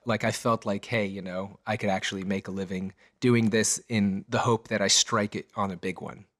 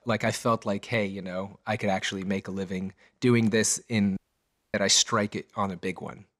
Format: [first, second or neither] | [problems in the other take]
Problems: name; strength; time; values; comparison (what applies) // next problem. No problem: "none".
first | audio cutting out; at 4 s for 0.5 s